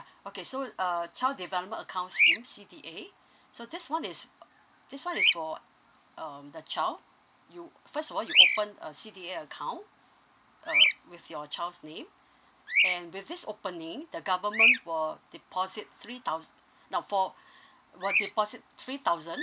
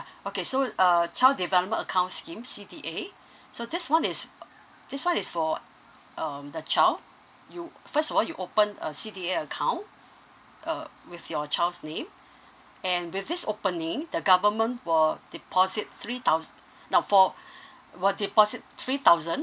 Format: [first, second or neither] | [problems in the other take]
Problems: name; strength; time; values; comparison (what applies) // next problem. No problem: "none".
second | background sound (Bird vocalization, bird call, bird song); 3 dB above the speech